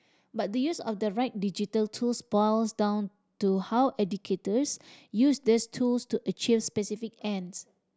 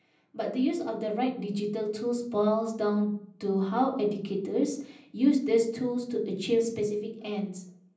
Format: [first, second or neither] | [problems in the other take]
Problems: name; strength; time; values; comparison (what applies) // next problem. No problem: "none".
first | room echo; dies away in 0.6 s